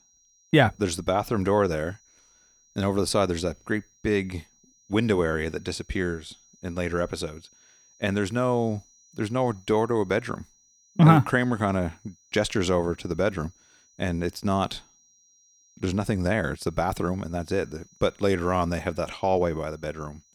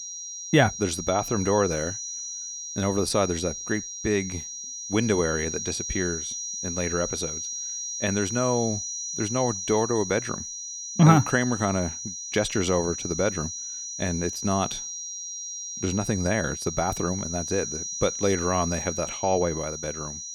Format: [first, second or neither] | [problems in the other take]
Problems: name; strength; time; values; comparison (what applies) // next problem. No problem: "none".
first | high-pitched whine; loud; throughout; 6 kHz, 5 dB below the speech; faint in the first